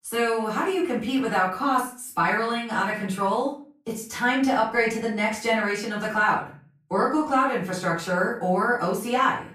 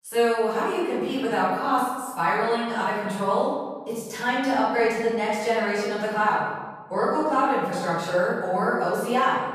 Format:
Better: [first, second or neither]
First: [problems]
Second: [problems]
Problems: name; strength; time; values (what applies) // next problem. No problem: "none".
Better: first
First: room echo; slight; dies away in 0.4 s // off-mic speech; far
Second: room echo; strong; dies away in 1.3 s // off-mic speech; far